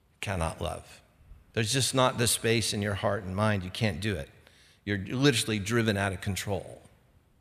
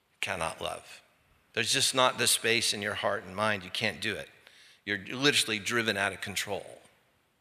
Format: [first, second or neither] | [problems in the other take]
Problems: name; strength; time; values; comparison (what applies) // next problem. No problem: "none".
first | thin; somewhat; fading below 950 Hz